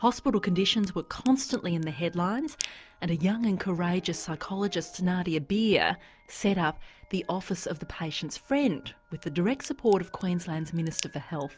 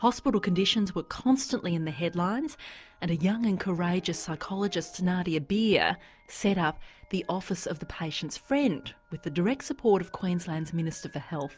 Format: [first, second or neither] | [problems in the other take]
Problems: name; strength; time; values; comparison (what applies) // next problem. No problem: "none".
second | background sound (Crack); 16 dB below the speech